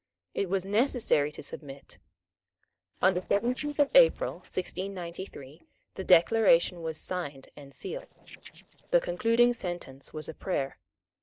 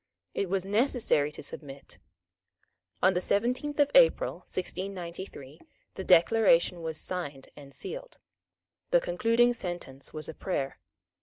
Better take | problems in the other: second | noise reduction (neural separator model SepFormer DNS4)

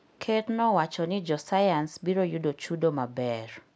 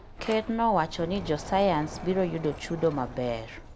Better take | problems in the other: first | background sound (Sliding door); 13 dB below the speech

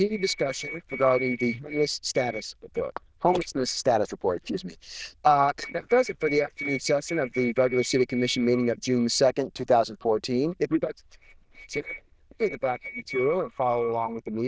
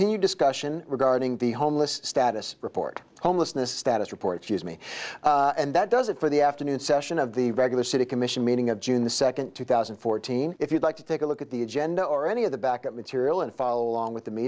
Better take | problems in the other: second | noise reduction (neural diffusion model UNIVERSE++)

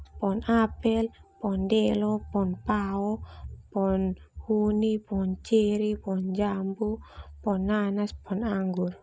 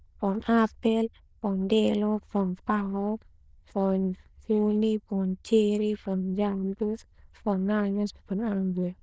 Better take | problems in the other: first | noise reduction (neural diffusion model UNIVERSE++)

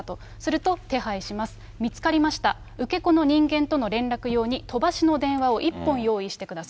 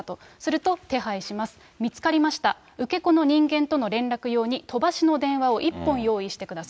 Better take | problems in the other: second | background sound (Motor vehicle (road)); 19 dB below the speech

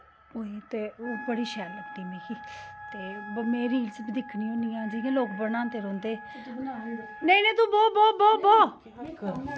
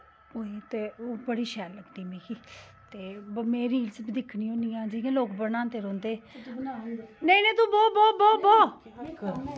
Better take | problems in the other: second | background sound (Wind instrument, woodwind instrument); 17 dB below the speech

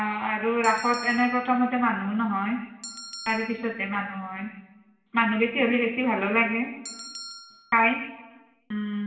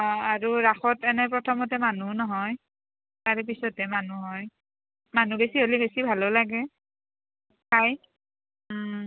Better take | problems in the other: second | background sound (Bell); 17 dB below the speech // room echo; dies away in 1 s

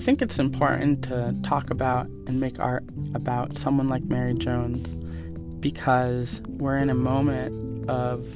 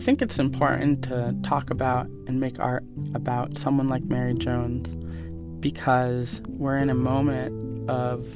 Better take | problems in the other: second | background sound (Bass guitar); 18 dB below the speech

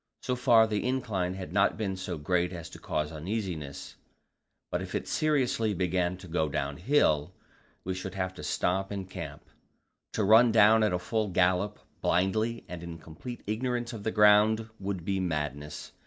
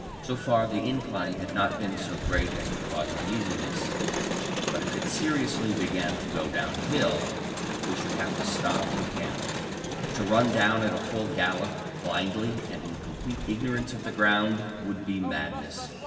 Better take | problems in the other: first | background sound (Crowd); 3 dB below the speech // room echo; dies away in 2.4 s

